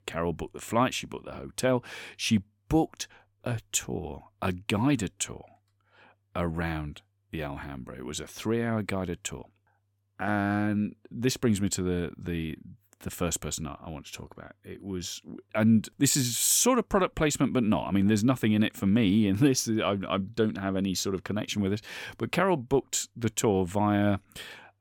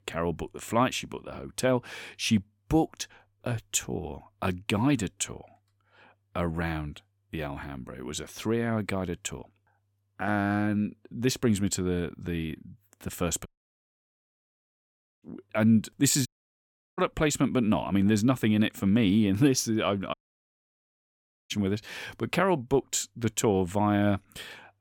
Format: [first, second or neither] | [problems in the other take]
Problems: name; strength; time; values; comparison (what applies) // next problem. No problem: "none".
first | audio cutting out; at 13 s for 2 s, at 16 s for 0.5 s and at 20 s for 1.5 s